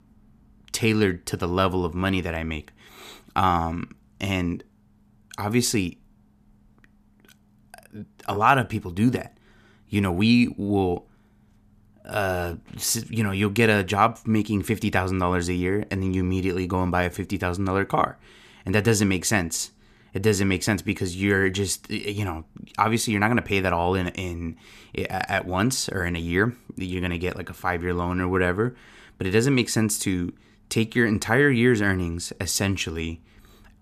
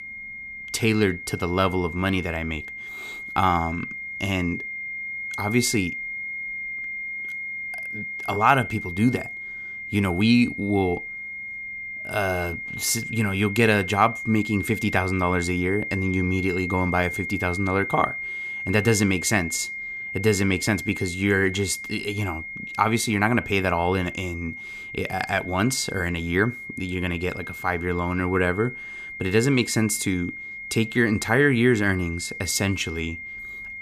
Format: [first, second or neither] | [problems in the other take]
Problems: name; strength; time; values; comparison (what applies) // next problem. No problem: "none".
first | high-pitched whine; loud; throughout; 2 kHz, 8 dB below the speech